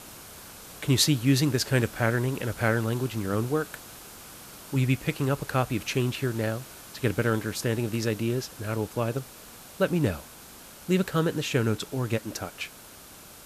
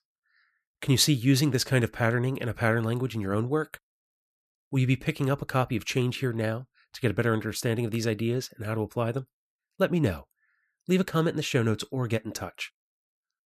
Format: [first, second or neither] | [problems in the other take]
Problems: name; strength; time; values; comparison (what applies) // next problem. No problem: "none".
second | hiss; noticeable; throughout; 15 dB below the speech